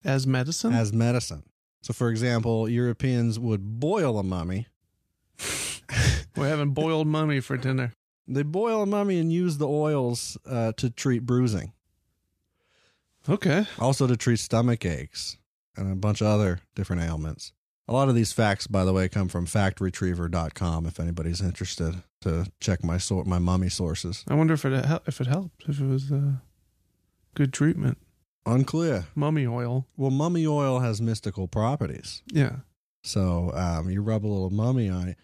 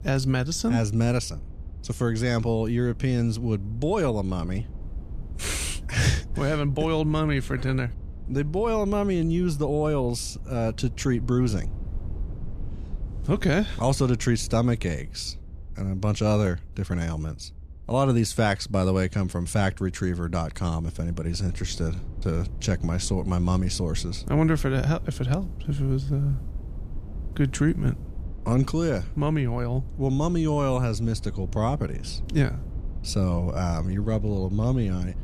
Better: first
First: none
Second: low rumble; faint; throughout; 20 dB below the speech

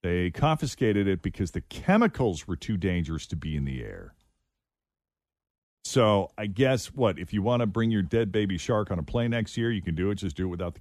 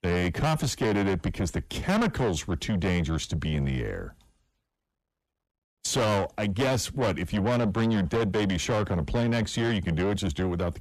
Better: first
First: none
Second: distortion; heavy; 6 dB below the speech

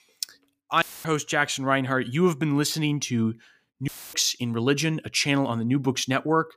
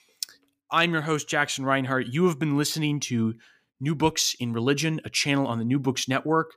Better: second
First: audio cutting out; filled with static; at 1 s and at 4 s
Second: none

